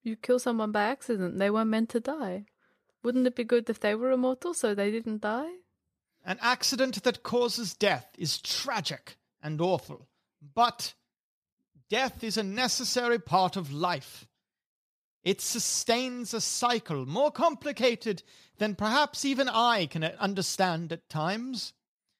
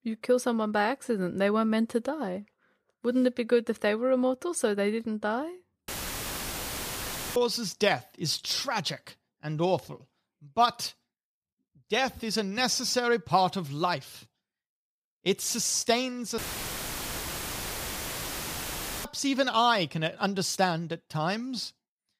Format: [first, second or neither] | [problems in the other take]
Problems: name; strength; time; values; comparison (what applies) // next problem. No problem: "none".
first | audio cutting out; filled with static; at 6 s for 1.5 s and at 16 s for 2.5 s